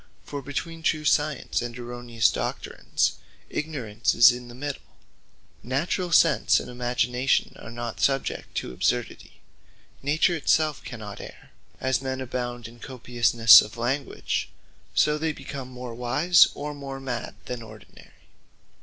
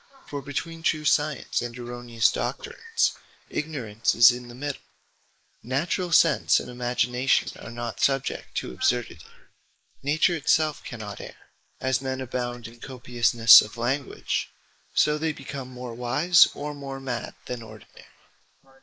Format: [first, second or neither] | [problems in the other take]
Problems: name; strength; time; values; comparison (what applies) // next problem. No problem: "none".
first | noise reduction (neural mask model Resemble Enhance denoiser)